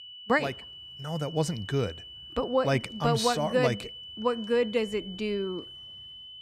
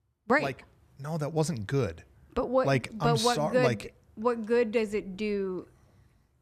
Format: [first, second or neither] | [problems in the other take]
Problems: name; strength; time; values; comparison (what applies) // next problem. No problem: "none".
second | high-pitched whine; noticeable; throughout; 3 kHz, 15 dB below the speech